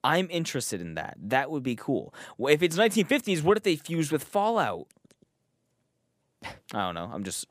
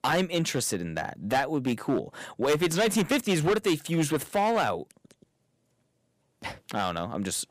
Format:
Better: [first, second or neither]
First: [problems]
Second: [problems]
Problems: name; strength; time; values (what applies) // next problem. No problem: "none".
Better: first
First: none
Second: distortion; heavy; 8% of the sound clipped